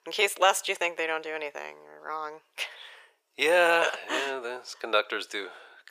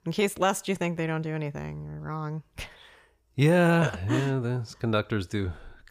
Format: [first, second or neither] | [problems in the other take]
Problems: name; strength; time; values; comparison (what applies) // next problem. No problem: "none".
second | thin; very; fading below 450 Hz